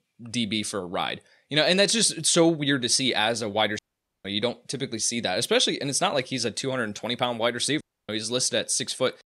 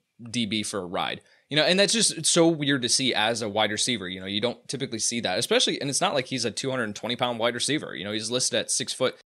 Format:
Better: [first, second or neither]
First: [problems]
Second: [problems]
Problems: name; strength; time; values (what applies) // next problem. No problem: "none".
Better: second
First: audio cutting out; at 4 s and at 8 s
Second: none